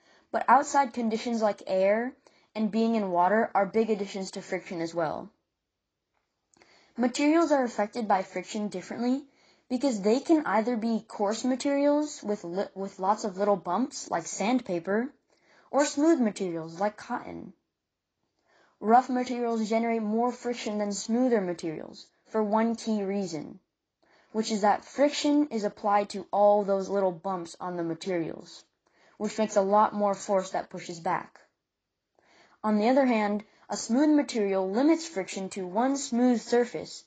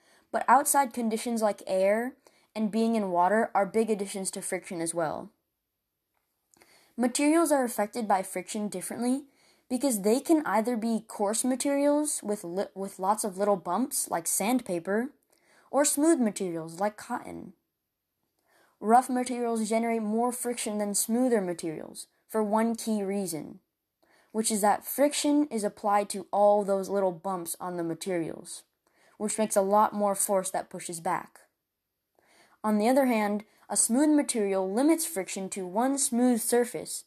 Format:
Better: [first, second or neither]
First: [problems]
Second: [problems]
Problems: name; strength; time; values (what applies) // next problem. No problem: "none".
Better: second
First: garbled, watery; badly; nothing above 7.5 kHz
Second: none